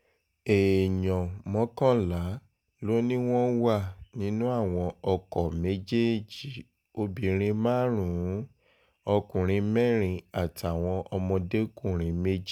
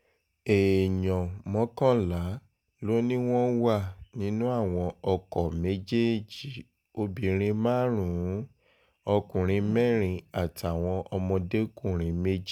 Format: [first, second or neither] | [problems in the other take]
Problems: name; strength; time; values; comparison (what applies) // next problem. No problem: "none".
first | background sound (Whoosh, swoosh, swish); 17 dB below the speech